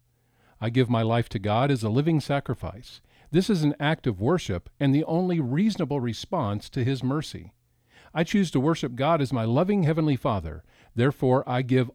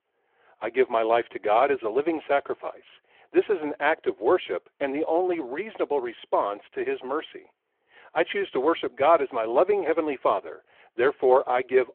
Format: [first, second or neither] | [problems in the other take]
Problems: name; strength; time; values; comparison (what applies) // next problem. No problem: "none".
first | phone-call audio